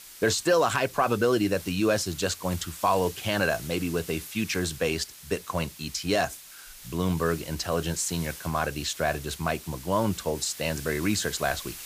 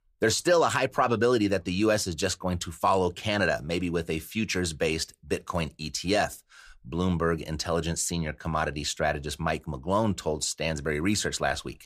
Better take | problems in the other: second | hiss; noticeable; throughout; 15 dB below the speech

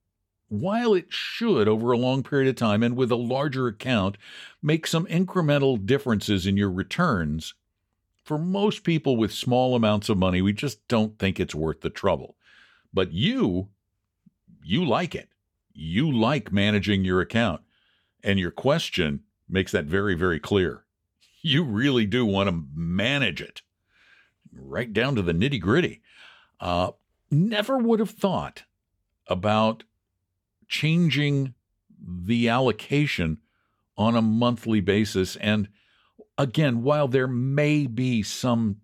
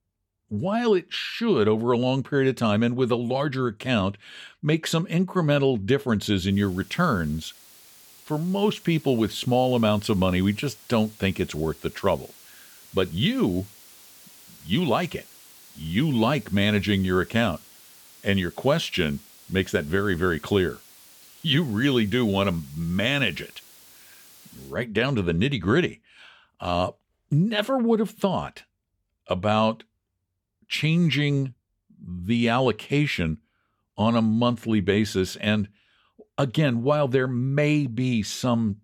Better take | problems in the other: first | hiss; faint; from 6.5 to 25 s; 25 dB below the speech

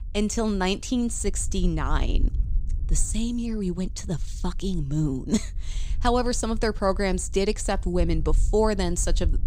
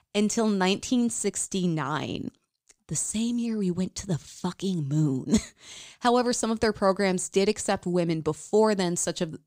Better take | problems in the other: second | low rumble; faint; throughout; 25 dB below the speech

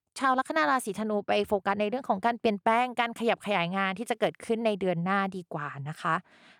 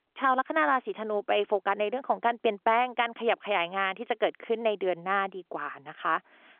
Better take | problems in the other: first | phone-call audio; nothing above 3.5 kHz

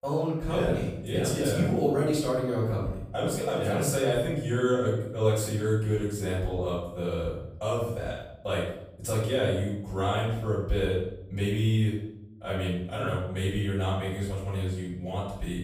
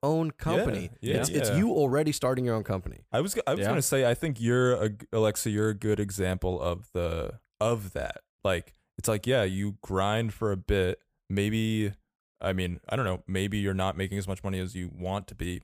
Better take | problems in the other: second | off-mic speech; far // room echo; noticeable; dies away in 0.7 s

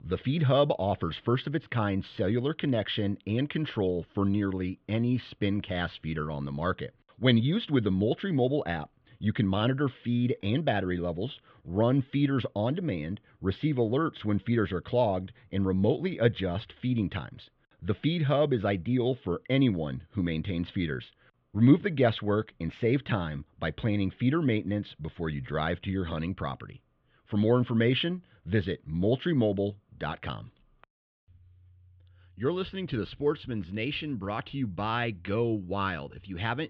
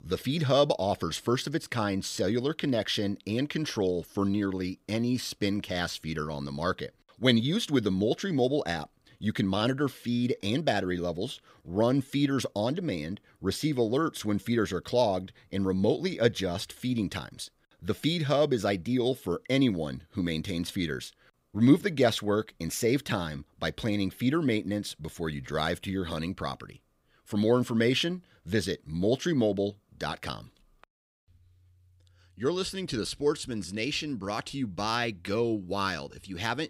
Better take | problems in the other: second | muffled; very; fading above 3 kHz

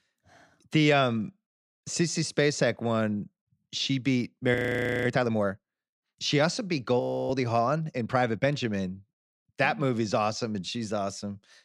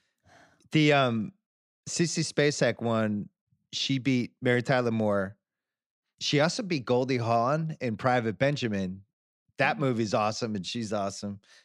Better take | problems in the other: second | audio freezing; at 4.5 s for 0.5 s and at 7 s

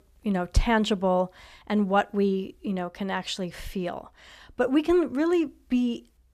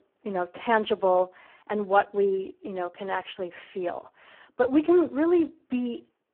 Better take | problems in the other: first | phone-call audio; poor line

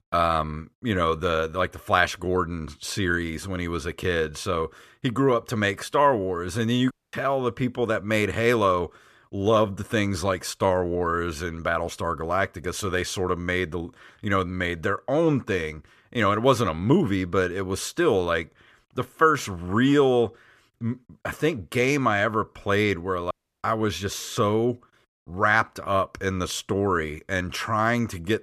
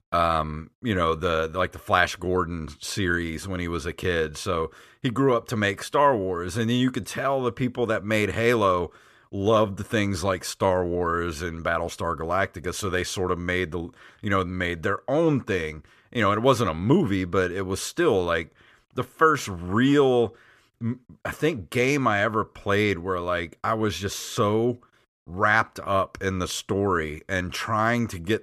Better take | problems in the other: second | audio cutting out; at 7 s and at 23 s

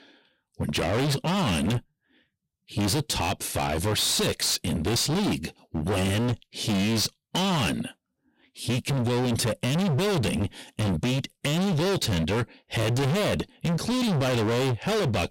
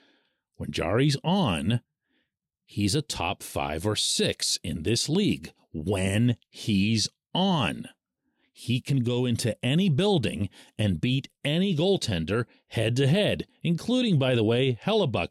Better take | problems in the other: second | distortion; heavy; 36% of the sound clipped

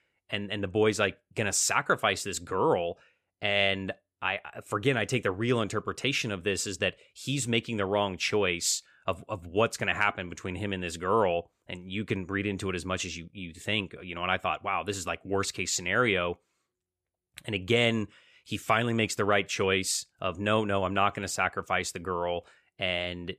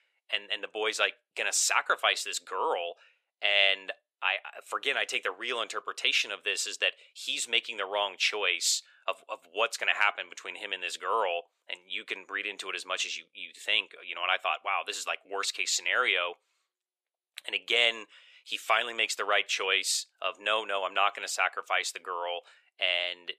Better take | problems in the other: first | thin; very; fading below 550 Hz

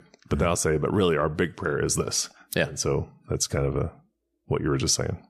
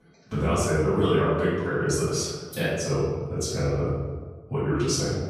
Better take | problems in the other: first | off-mic speech; far // room echo; strong; dies away in 1.3 s

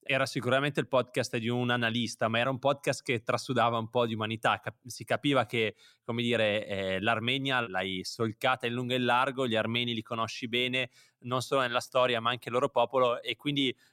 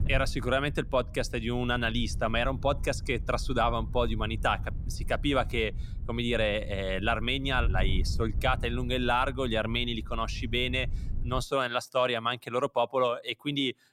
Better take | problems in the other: first | wind noise on the microphone; occasional gusts; until 11 s; 25 dB below the speech

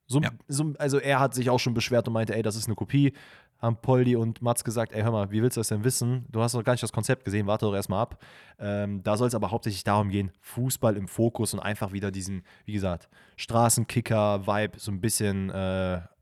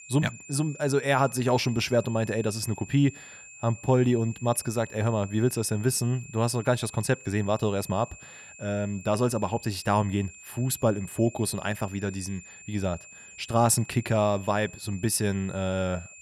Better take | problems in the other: first | high-pitched whine; noticeable; throughout; 2.5 kHz, 20 dB below the speech

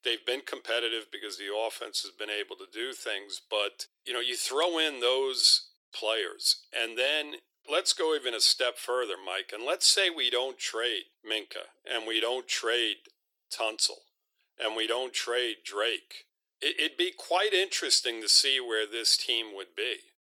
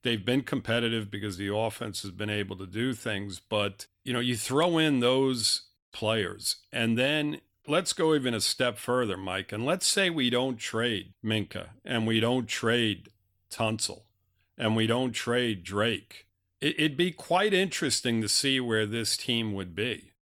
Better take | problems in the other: second | thin; very; fading below 350 Hz

